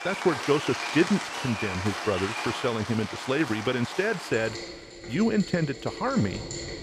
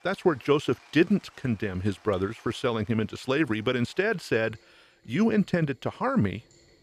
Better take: second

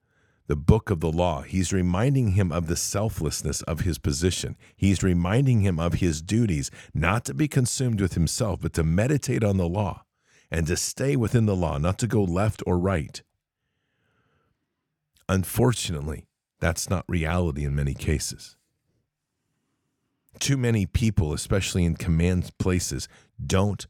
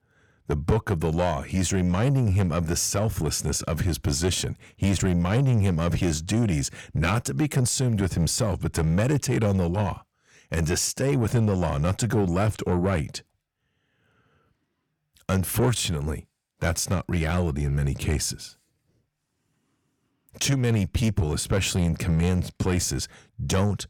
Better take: first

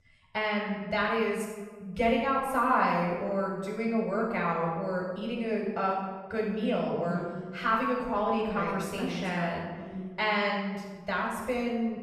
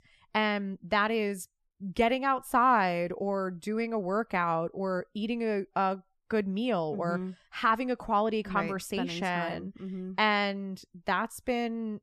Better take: second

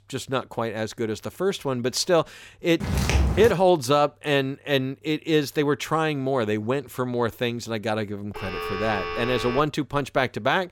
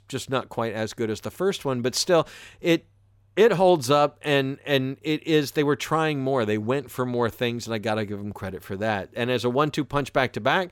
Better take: second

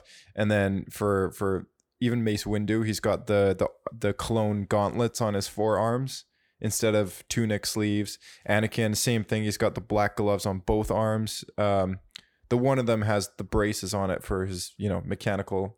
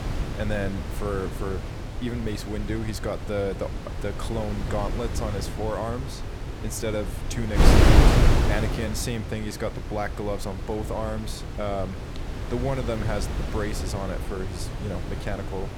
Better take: first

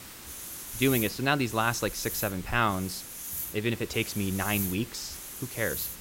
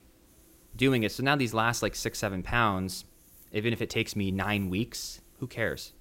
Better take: second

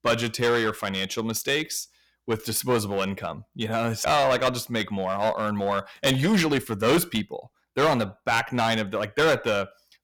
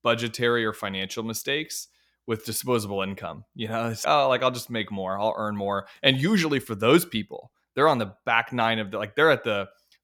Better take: second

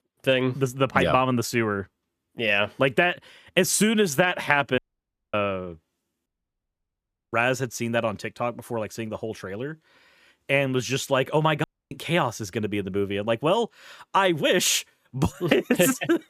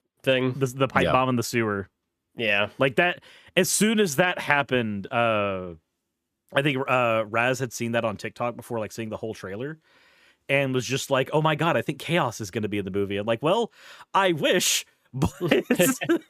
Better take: second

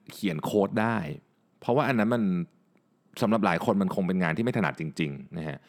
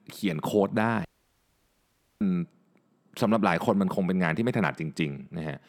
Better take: first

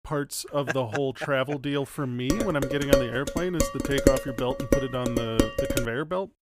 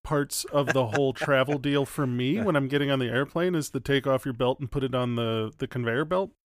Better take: second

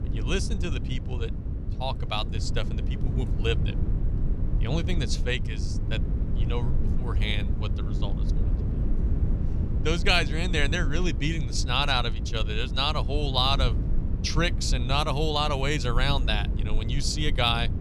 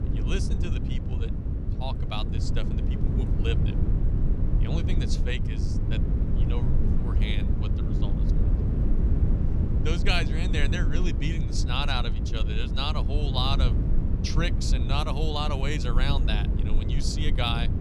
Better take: first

